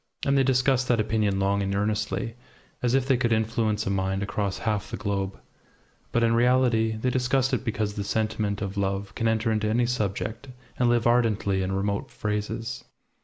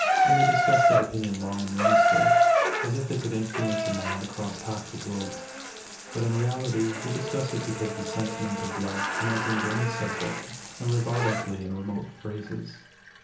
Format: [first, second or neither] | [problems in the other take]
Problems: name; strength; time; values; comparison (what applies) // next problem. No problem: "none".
first | background sound (Bathtub (filling or washing) / Water tap, faucet); 3 dB above the speech // room echo; dies away in 0.7 s